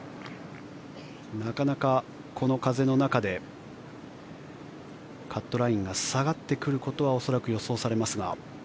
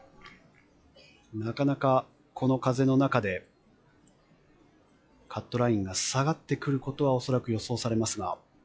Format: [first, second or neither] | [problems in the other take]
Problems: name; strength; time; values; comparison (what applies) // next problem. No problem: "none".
first | noise reduction (classical method log-MMSE)